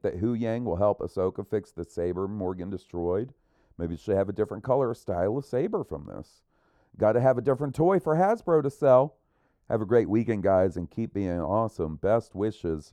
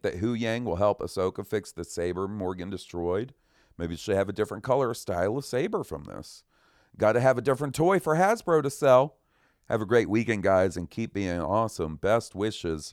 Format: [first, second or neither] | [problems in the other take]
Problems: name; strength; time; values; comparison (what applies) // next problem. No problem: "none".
second | muffled; slightly; fading above 1.5 kHz